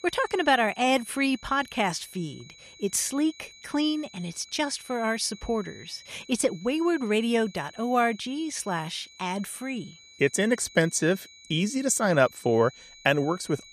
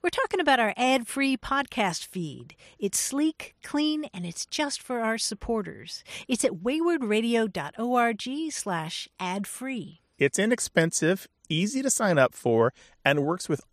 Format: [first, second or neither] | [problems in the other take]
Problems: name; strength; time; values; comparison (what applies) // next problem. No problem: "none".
second | high-pitched whine; faint; throughout; 4 kHz, 20 dB below the speech